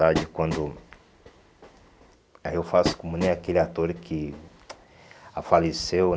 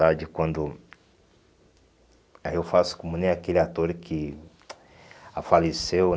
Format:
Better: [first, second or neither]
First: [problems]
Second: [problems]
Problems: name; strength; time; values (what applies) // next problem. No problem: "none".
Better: second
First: background sound (Train); 9 dB below the speech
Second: none